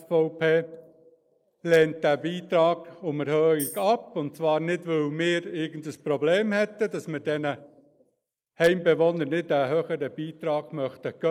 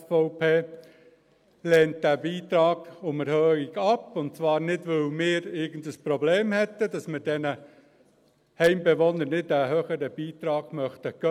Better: second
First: noise reduction (neural mask model Resemble Enhance denoiser)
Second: none

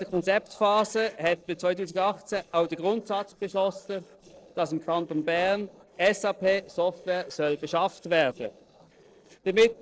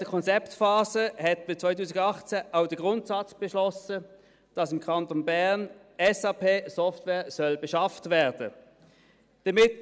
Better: second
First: noise reduction (neural separator model SepFormer DNS4)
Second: none

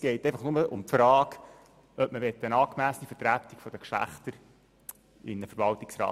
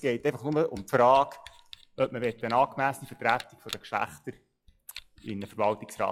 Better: first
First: none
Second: noise reduction (classical method log-MMSE)

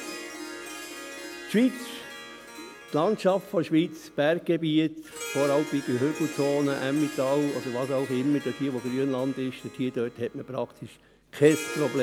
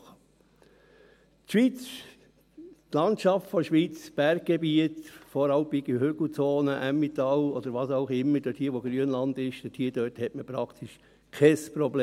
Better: second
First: background sound (Harp); 13 dB below the speech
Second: none

